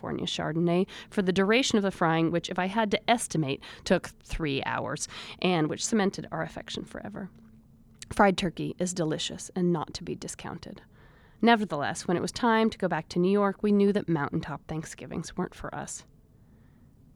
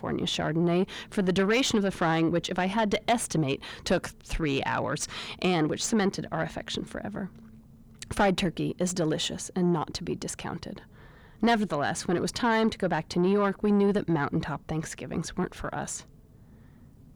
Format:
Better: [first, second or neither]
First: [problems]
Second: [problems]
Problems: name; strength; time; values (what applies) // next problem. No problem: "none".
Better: first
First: none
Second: distortion; slight; 9 dB below the speech